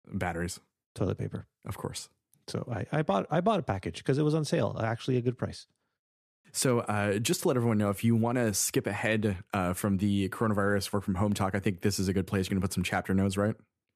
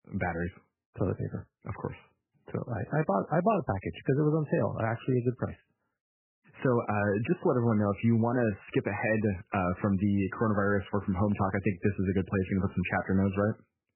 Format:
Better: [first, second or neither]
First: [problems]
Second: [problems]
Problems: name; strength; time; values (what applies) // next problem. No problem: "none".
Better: first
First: none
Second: garbled, watery; badly; nothing above 3 kHz